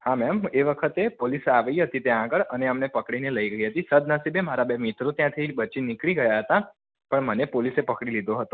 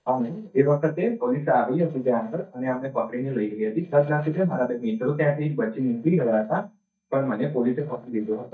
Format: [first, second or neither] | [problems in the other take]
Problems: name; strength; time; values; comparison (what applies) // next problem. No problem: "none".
first | noise reduction (neural mask model DeepFilterNet 3)